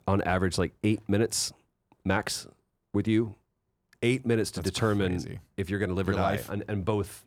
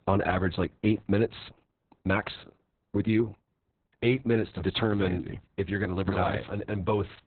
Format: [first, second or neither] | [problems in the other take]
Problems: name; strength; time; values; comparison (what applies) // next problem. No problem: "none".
first | garbled, watery; badly; nothing above 4 kHz